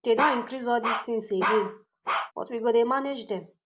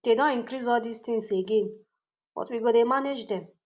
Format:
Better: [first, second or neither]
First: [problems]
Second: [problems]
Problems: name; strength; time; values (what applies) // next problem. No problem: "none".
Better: second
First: background sound (Bark); 3 dB below the speech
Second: none